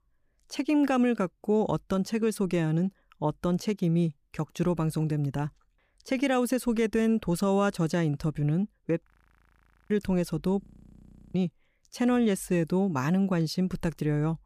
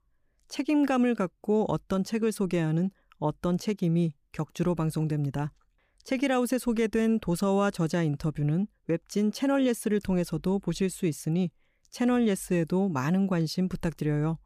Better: second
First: audio freezing; at 9 s for 1 s and at 11 s for 0.5 s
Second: none

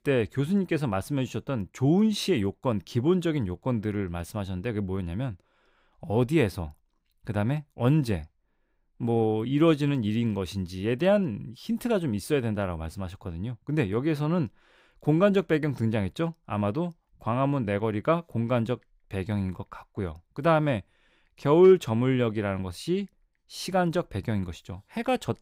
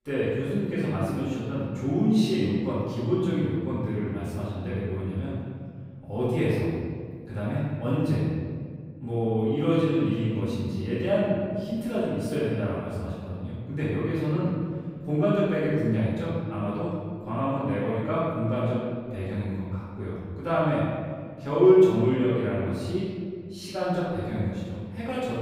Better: first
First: none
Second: room echo; strong; dies away in 1.8 s // off-mic speech; far

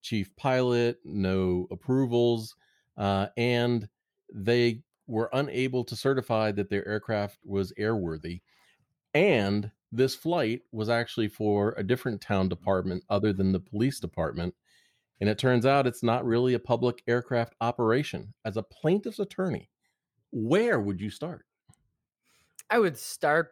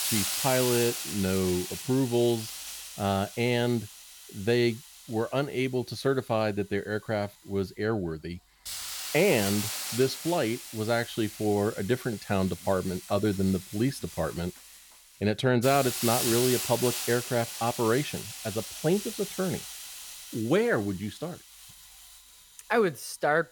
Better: first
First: none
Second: hiss; loud; throughout; 6 dB below the speech

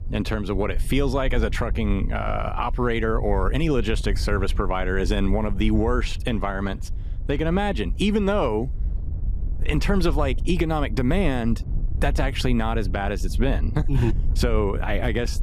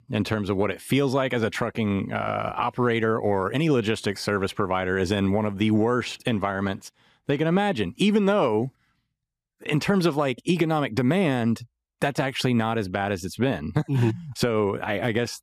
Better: second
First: wind noise on the microphone; occasional gusts; 20 dB below the speech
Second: none

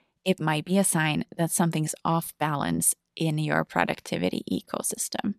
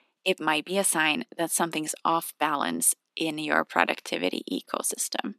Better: first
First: none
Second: thin; somewhat; fading below 250 Hz

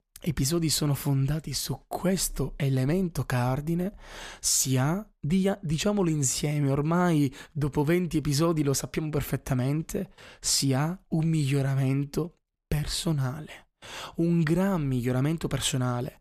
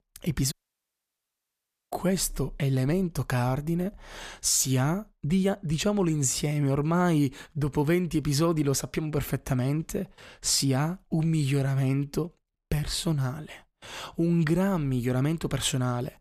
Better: first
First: none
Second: audio cutting out; at 0.5 s for 1.5 s

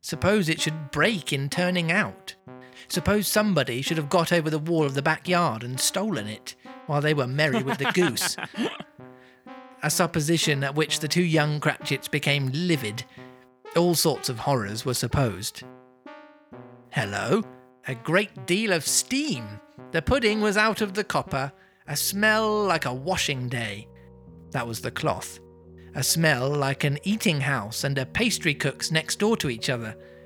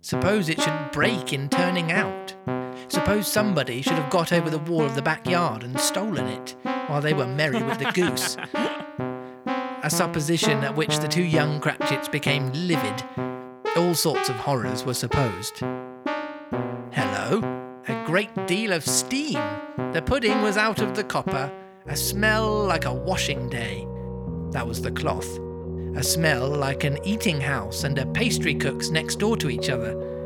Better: first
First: background music; faint; throughout; 20 dB below the speech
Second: background music; loud; throughout; 6 dB below the speech

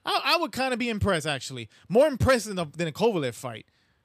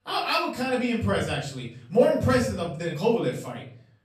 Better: first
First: none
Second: off-mic speech; far // room echo; slight; dies away in 0.6 s

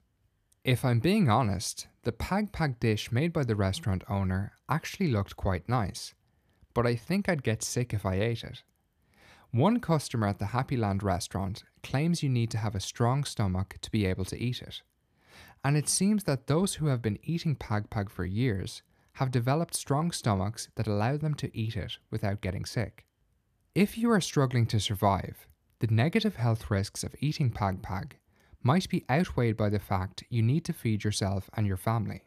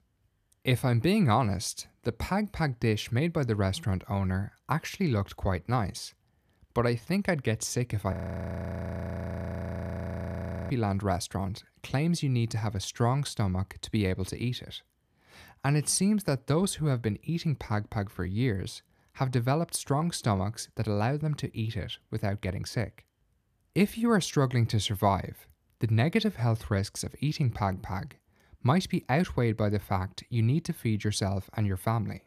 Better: first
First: none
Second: audio freezing; at 8 s for 2.5 s

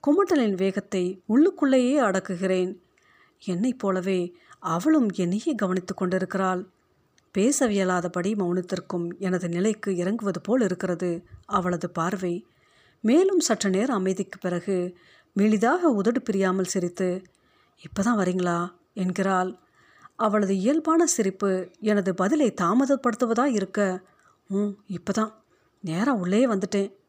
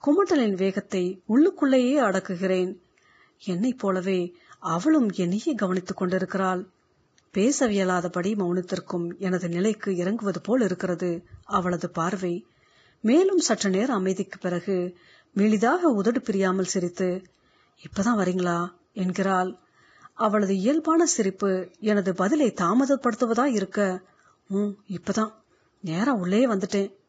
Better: first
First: none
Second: garbled, watery; badly; nothing above 7.5 kHz

